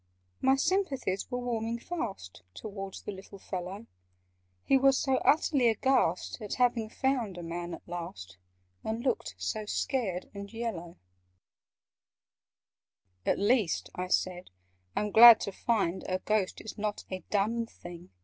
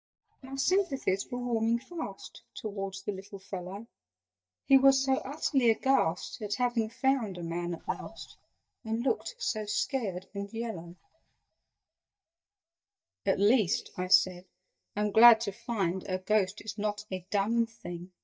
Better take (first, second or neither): first